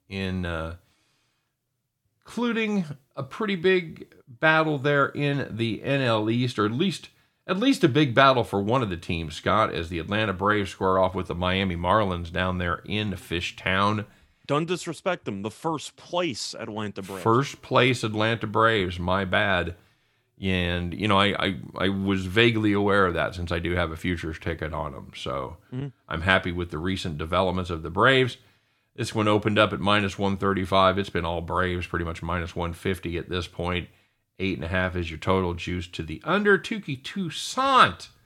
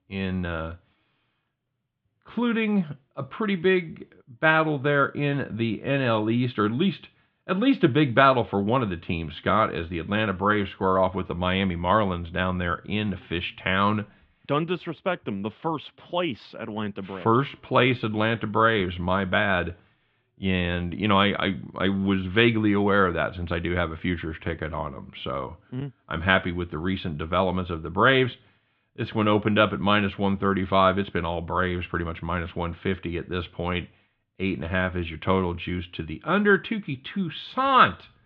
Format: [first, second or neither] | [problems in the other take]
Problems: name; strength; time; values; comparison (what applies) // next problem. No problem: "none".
first | muffled; very; fading above 3.5 kHz